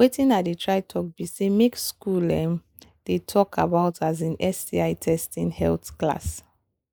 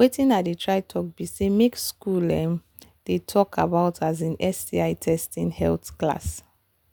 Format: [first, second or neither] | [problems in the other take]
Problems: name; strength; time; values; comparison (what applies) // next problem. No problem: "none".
second | noise reduction (neural mask model Resemble Enhance denoiser)